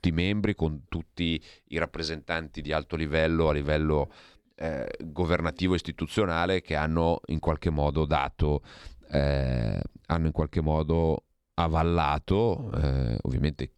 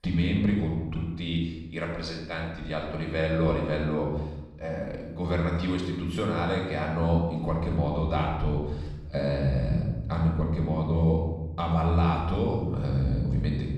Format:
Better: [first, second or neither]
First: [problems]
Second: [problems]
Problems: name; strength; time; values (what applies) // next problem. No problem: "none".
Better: first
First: none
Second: off-mic speech; far // room echo; noticeable; dies away in 1.1 s